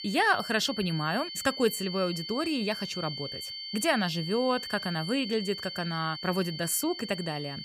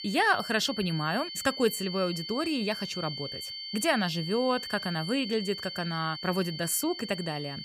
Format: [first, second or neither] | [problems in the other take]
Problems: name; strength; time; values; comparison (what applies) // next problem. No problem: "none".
neither | high-pitched whine; loud; throughout; 4.5 kHz, 7 dB below the speech; the same in both